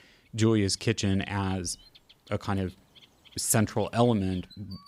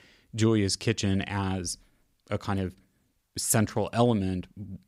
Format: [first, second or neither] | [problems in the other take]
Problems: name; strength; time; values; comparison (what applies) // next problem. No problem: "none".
second | animal sounds; faint; throughout; 25 dB below the speech